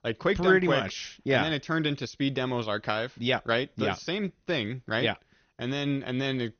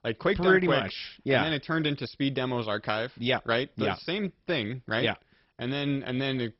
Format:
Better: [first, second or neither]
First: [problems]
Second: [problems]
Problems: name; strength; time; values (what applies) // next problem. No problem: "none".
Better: first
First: garbled, watery; slightly; nothing above 6.5 kHz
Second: garbled, watery; badly; nothing above 5.5 kHz